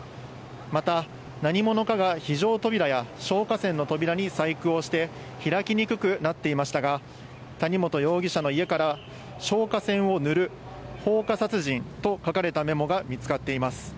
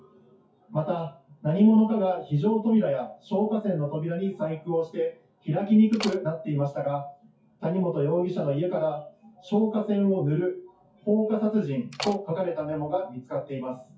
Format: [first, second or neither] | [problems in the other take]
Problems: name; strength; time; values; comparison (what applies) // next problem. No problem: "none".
first | noise reduction (classical method WPE with log-MMSE)